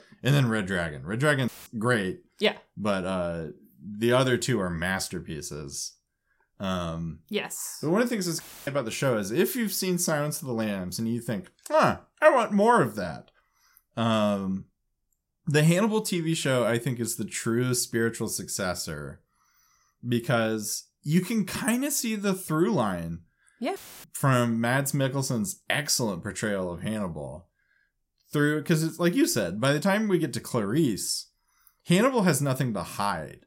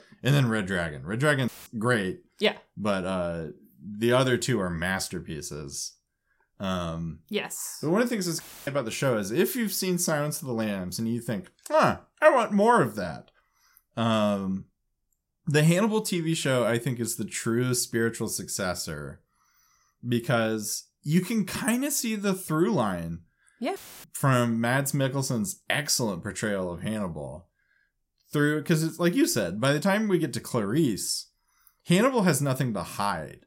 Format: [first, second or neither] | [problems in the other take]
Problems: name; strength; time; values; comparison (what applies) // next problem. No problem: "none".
neither | audio cutting out; filled with static; at 1.5 s, at 8.5 s and at 24 s; the same in both